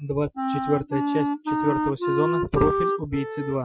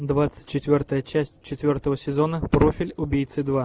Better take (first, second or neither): second